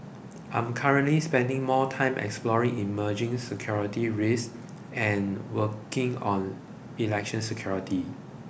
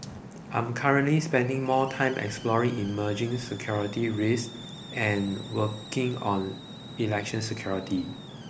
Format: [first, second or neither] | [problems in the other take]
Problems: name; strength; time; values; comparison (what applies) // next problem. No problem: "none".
first | background sound (Hiss); 20 dB below the speech